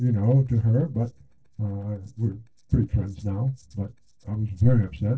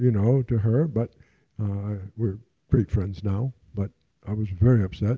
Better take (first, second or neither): second